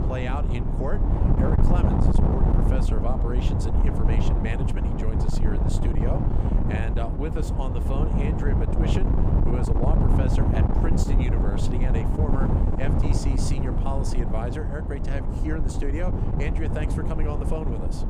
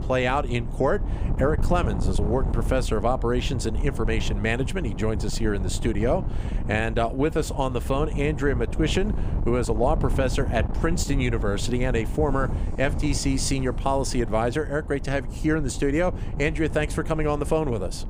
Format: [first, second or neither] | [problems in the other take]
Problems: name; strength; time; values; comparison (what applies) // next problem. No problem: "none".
second | wind noise on the microphone; heavy; 2 dB above the speech; occasional gusts in the second